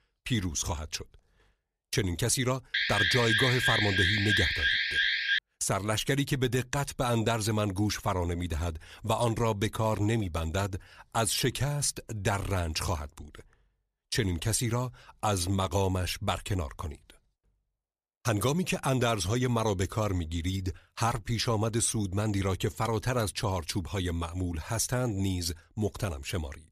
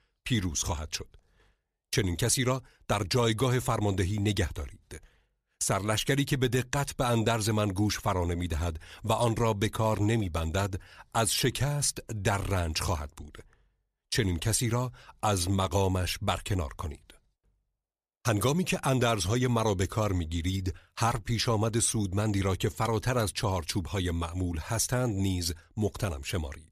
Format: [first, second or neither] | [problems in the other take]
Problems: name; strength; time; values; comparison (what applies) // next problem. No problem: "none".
second | alarm; loud; from 2.5 to 5.5 s; peak 5 dB above the speech